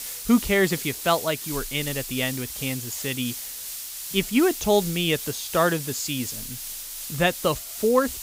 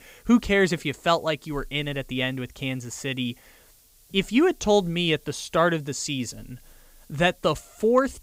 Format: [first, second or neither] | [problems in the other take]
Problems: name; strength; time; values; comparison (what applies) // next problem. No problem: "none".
second | hiss; loud; throughout; 7 dB below the speech; faint in the second